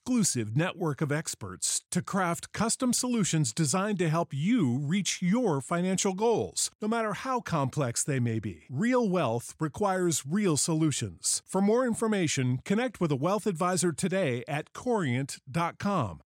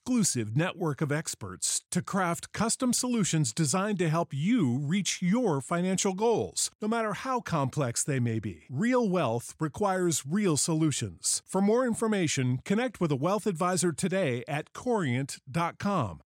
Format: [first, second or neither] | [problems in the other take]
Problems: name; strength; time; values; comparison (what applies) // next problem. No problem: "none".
neither | none